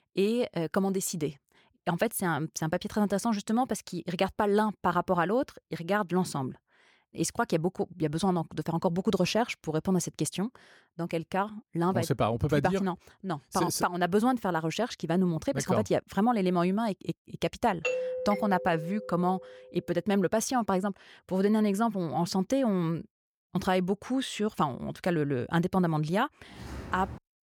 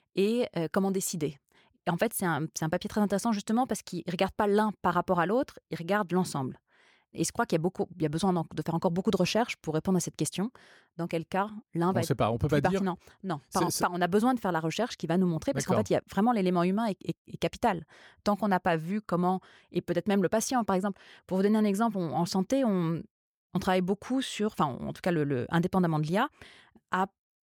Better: second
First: doorbell; noticeable; from 18 to 19 s; peak 2 dB below the speech // footsteps; faint; at 26 s; peak 10 dB below the speech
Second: none

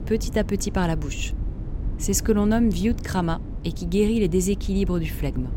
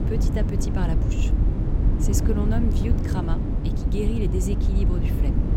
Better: first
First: wind noise on the microphone; occasional gusts; 15 dB below the speech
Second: wind noise on the microphone; heavy; 1 dB below the speech

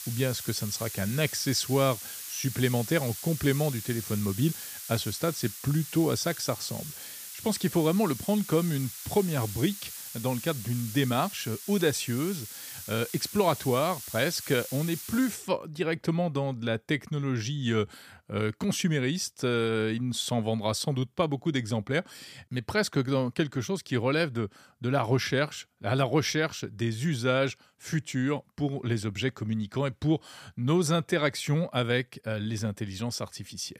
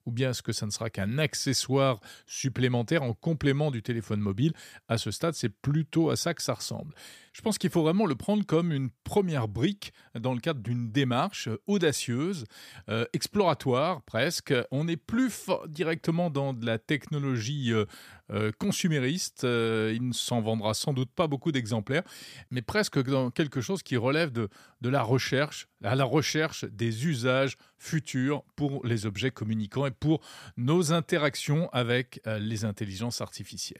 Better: second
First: hiss; loud; until 15 s; 9 dB below the speech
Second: none

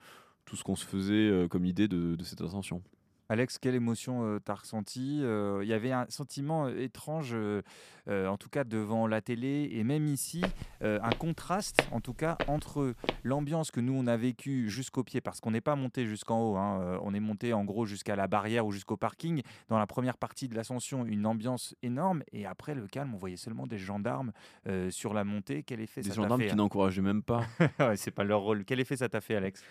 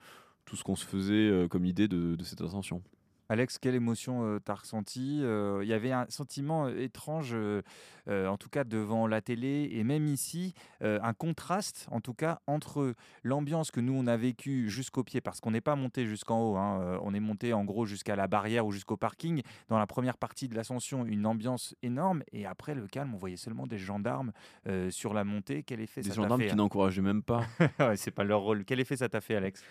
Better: second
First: footsteps; loud; from 10 to 13 s; peak 3 dB above the speech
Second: none

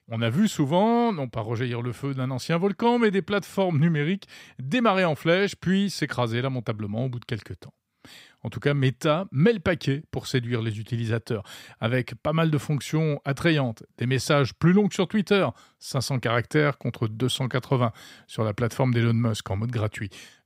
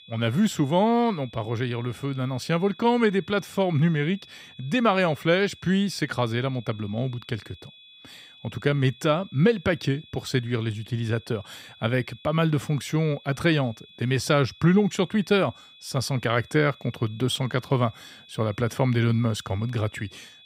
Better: first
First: none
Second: high-pitched whine; faint; throughout; 3.5 kHz, 25 dB below the speech

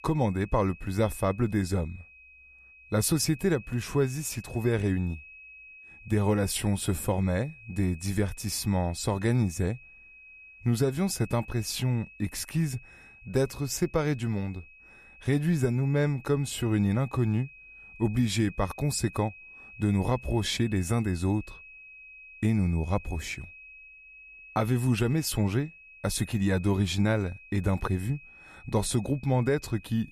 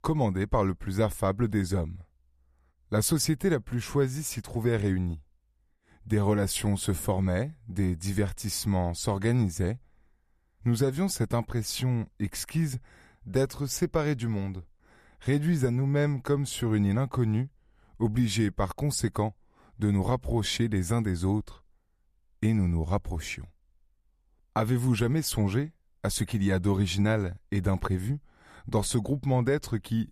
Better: second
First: high-pitched whine; noticeable; throughout; 2.5 kHz, 20 dB below the speech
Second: none

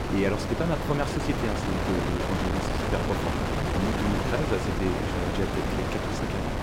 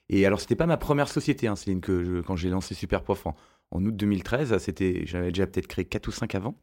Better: second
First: wind noise on the microphone; heavy; 3 dB above the speech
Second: none

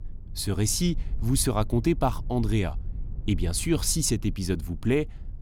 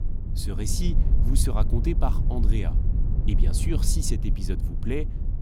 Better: first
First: low rumble; faint; throughout; 25 dB below the speech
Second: low rumble; loud; throughout; 7 dB below the speech

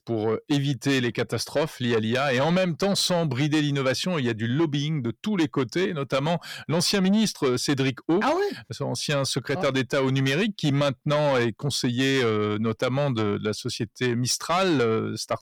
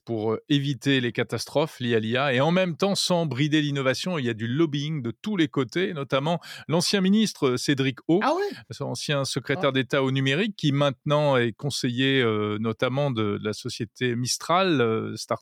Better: second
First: distortion; slight; 10 dB below the speech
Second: none

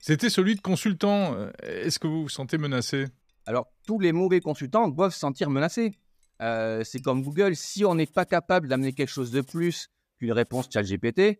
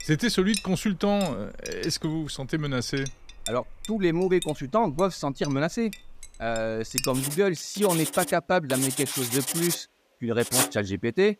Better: first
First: household noises; faint; throughout; 25 dB below the speech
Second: household noises; loud; throughout; 4 dB below the speech

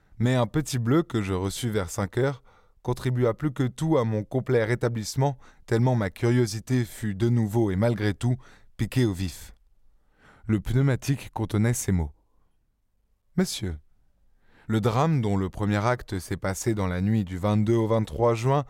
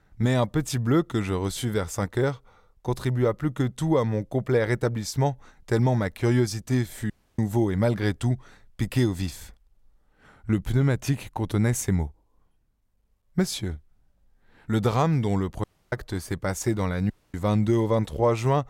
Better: first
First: none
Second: audio cutting out; at 7 s, at 16 s and at 17 s

